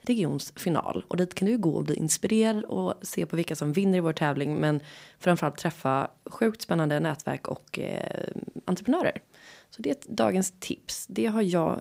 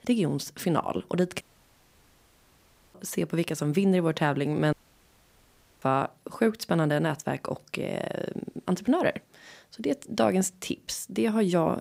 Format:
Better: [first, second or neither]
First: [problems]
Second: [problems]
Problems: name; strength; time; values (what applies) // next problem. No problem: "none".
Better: first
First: none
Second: audio cutting out; at 1.5 s for 1.5 s and at 4.5 s for 1 s